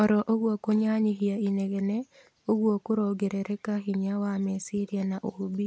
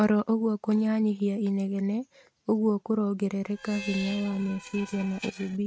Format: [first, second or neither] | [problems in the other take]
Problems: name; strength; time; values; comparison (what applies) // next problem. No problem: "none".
first | noise reduction (neural mask model RNNoise)